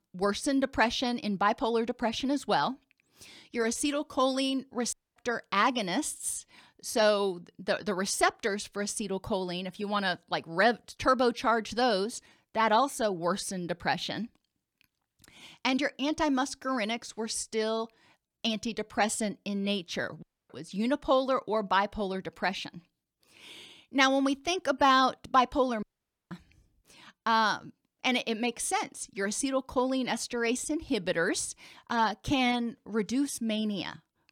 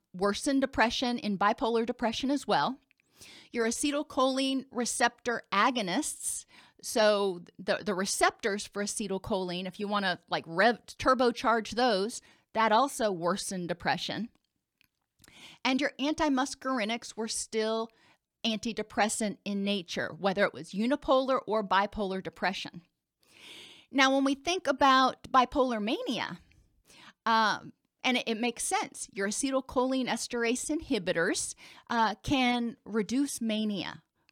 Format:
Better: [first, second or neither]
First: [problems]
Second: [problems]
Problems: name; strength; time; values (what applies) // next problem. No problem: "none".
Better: second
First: audio cutting out; at 5 s, at 20 s and at 26 s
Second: none